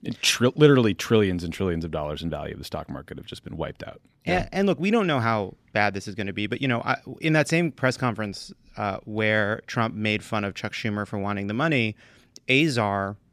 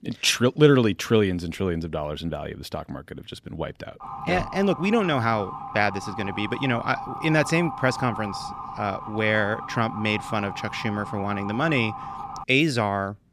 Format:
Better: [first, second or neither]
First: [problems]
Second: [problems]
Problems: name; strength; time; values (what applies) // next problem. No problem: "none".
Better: first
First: none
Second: siren; noticeable; from 4 to 12 s; peak 9 dB below the speech